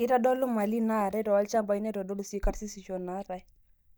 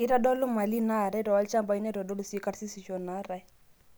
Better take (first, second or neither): second